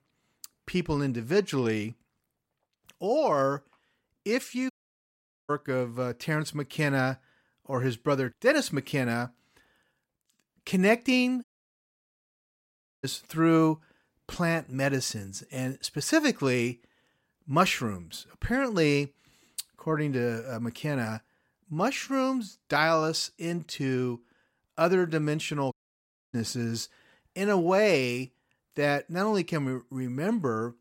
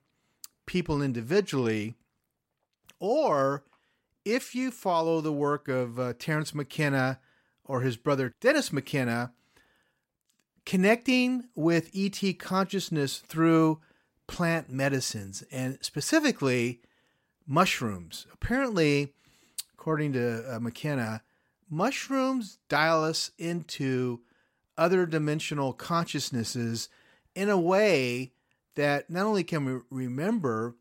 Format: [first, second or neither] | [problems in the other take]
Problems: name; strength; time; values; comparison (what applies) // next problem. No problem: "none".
second | audio cutting out; at 4.5 s for 1 s, at 11 s for 1.5 s and at 26 s for 0.5 s